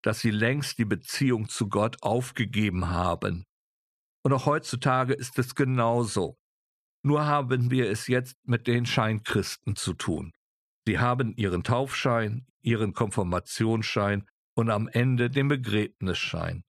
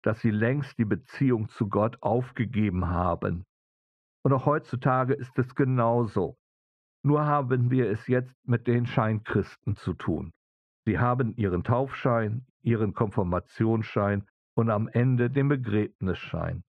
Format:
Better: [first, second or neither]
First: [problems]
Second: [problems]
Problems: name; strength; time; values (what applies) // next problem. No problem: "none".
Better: first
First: none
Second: muffled; very; fading above 3.5 kHz